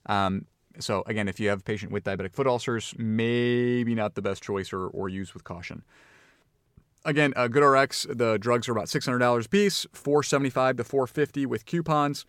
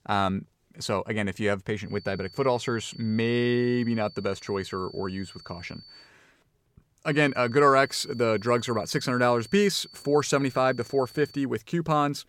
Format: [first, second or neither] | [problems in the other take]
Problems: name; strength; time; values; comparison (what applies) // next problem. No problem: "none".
first | high-pitched whine; faint; from 2 to 6 s and from 7 to 11 s; 4.5 kHz, 20 dB below the speech